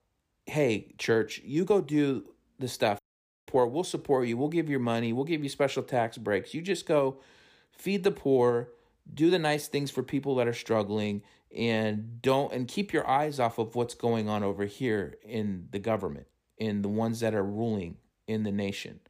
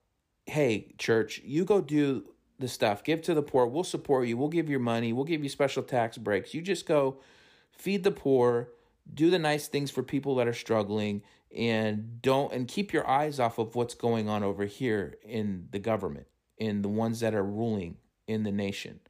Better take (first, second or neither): second